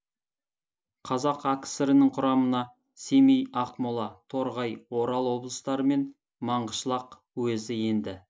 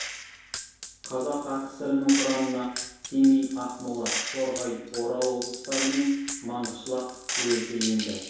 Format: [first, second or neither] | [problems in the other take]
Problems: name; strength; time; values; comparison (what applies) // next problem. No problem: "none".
first | background sound (Gunshot, gunfire); 7 dB below the speech // room echo; dies away in 0.7 s